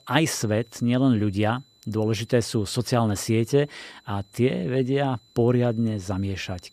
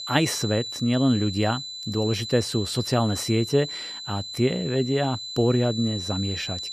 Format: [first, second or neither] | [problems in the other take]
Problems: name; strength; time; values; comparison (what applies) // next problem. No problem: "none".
first | high-pitched whine; loud; throughout; 4 kHz, 7 dB below the speech; faint in the first